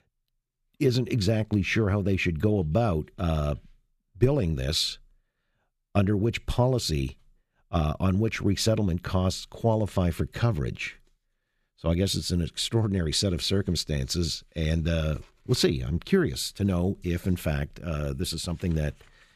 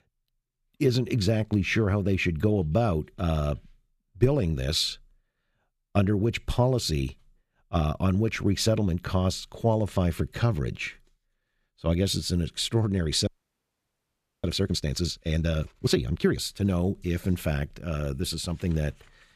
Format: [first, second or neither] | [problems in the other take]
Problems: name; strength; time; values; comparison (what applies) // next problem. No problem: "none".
first | audio freezing; at 13 s for 1 s